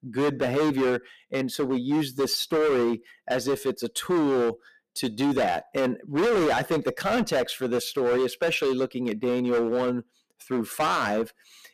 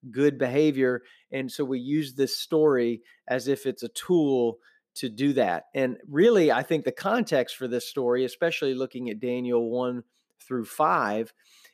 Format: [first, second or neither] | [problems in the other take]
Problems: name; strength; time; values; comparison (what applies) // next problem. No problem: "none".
second | distortion; heavy; 18% of the sound clipped